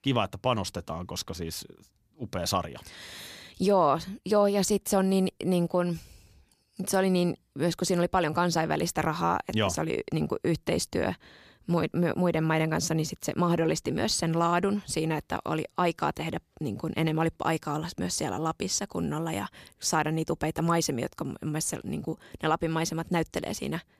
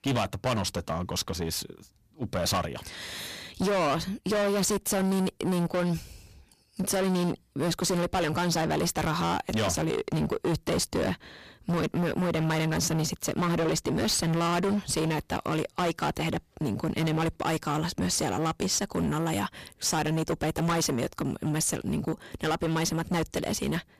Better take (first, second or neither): first